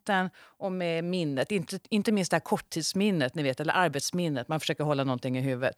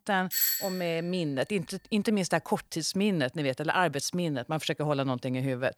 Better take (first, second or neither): first